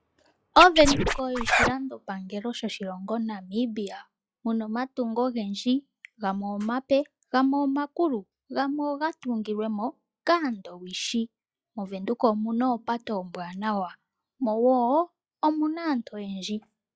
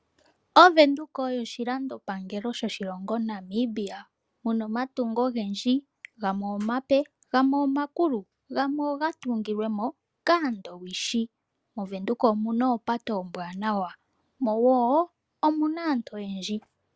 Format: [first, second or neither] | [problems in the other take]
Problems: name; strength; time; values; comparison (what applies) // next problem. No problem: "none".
second | noise reduction (classical method log-MMSE)